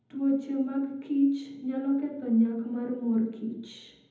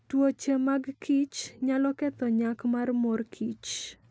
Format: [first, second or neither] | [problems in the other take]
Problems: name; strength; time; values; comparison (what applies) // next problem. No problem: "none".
second | room echo; dies away in 1 s